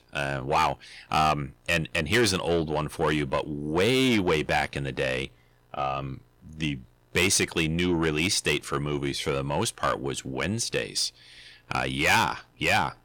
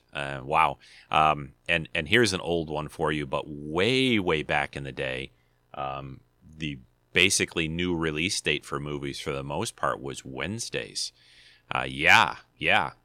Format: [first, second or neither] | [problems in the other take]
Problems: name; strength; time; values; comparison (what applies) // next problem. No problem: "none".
second | distortion; heavy; 6 dB below the speech